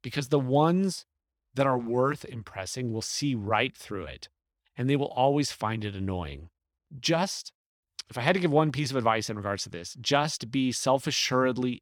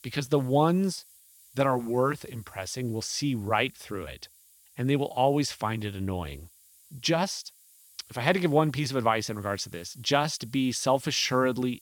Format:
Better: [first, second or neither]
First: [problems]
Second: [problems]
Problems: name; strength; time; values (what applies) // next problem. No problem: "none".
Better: first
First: none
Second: hiss; faint; throughout; 25 dB below the speech